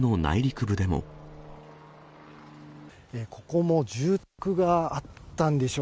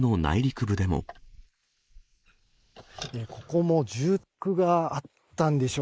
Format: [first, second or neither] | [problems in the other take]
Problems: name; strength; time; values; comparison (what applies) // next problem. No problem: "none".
first | noise reduction (neural mask model Resemble Enhance denoiser)